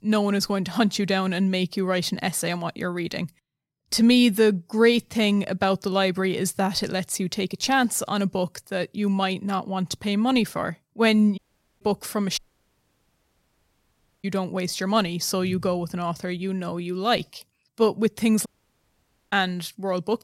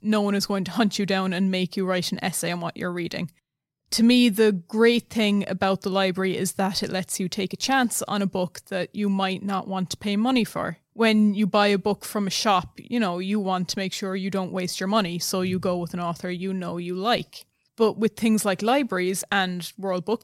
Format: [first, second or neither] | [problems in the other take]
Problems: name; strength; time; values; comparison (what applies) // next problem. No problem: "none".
second | audio cutting out; at 11 s, at 12 s for 2 s and at 18 s for 1 s